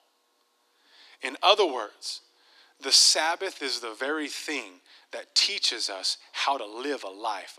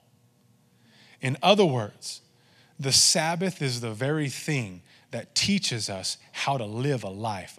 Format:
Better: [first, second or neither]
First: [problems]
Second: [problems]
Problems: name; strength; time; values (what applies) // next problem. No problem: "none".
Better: second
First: thin; very; fading below 300 Hz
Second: none